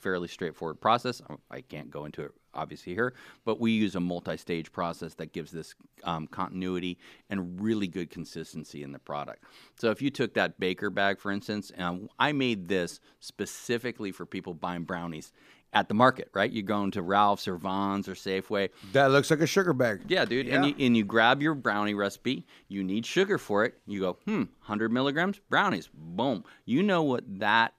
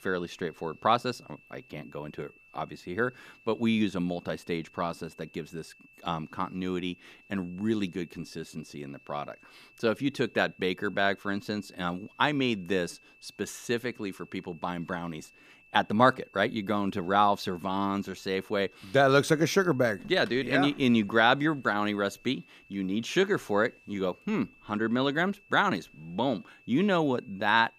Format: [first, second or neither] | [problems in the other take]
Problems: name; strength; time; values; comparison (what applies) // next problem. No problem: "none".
first | high-pitched whine; faint; throughout; 2.5 kHz, 30 dB below the speech